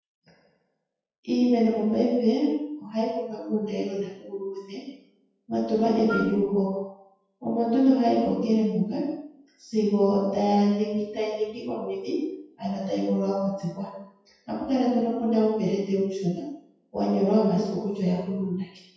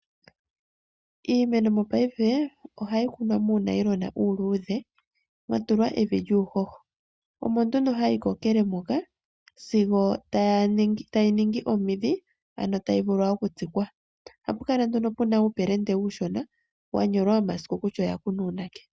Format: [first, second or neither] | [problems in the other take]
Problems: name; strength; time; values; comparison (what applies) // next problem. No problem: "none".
second | noise reduction (classical method WPE with log-MMSE)